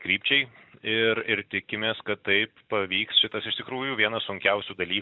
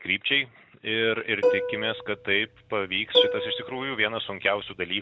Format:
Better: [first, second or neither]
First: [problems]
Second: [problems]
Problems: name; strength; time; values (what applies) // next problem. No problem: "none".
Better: first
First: none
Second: background sound (Plucked string instrument); 2 dB below the speech